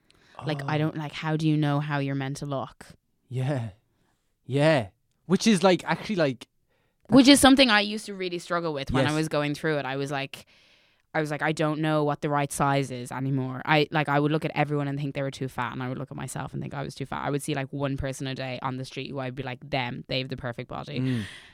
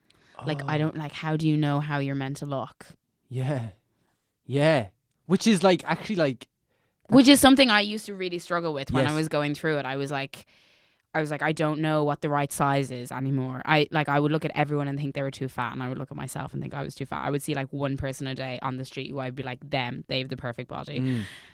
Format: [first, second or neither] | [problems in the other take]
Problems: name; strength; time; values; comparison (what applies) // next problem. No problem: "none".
first | garbled, watery; slightly; nothing above 15.5 kHz